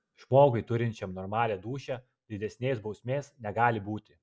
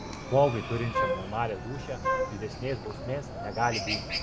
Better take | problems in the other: first | background sound (Wind instrument, woodwind instrument + Chicken, rooster); 2 dB below the speech

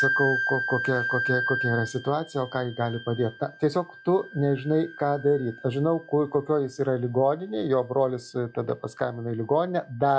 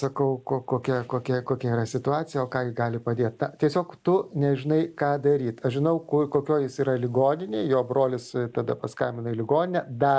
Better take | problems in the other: second | noise reduction (classical method log-MMSE)

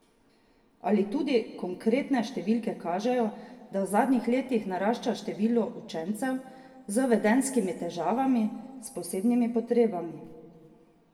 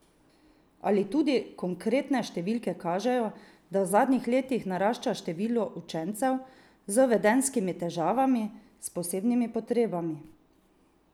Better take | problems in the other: second | room echo; dies away in 1.1 s

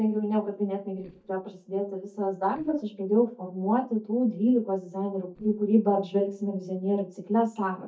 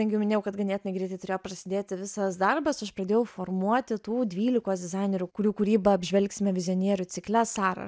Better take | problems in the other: second | noise reduction (neural mask model DeepFilterNet 3)

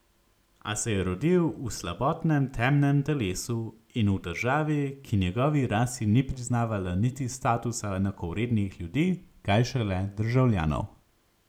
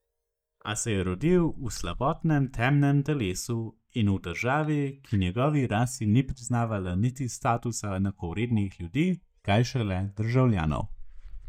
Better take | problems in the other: first | noise reduction (neural mask model DeepFilterNet 3)

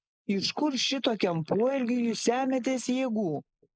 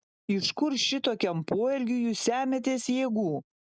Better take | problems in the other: second | noise reduction (neural mask model Resemble Enhance denoiser)

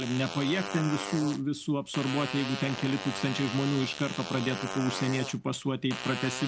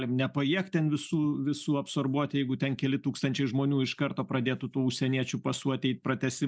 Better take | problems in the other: second | background sound (Fart); 8 dB below the speech

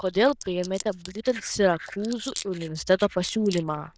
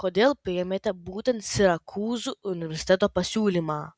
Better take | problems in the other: second | noise reduction (neural diffusion model UNIVERSE++)

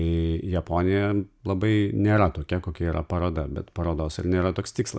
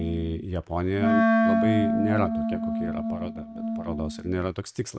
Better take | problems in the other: first | noise reduction (neural mask model RNNoise)

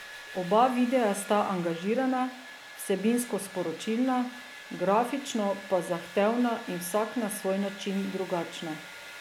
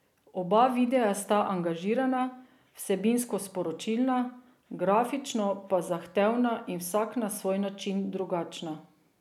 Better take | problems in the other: second | background sound (Domestic sounds, home sounds); 16 dB below the speech

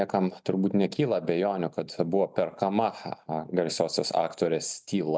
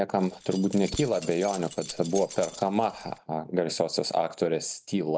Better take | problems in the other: first | background sound (Keys jangling); 15 dB below the speech

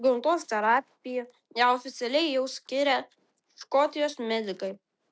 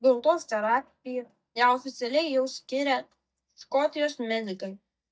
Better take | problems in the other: first | noise reduction (neural mask model DeepFilterNet 3)

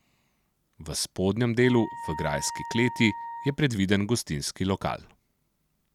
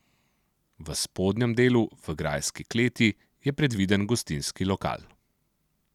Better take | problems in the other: second | background sound (Wind instrument, woodwind instrument); 12 dB below the speech

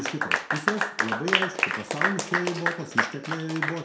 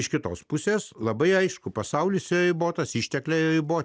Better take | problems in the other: second | background sound (Applause / Clapping); 4 dB above the speech // room echo; dies away in 0.6 s

